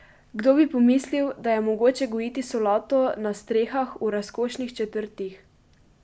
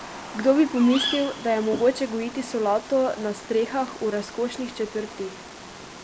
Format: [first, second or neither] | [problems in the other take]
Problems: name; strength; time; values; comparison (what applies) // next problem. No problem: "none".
first | background sound (Bird vocalization, bird call, bird song); 11 dB below the speech